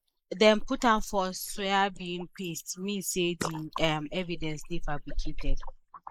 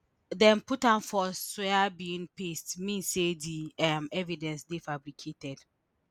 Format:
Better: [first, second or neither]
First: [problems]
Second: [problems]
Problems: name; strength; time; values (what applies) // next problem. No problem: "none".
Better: second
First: noise reduction (neural mask model Resemble Enhance denoiser)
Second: none